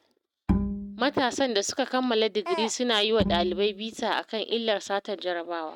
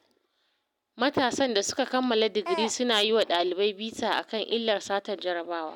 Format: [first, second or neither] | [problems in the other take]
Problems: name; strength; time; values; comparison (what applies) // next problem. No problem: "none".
second | noise reduction (neural mask model RNNoise)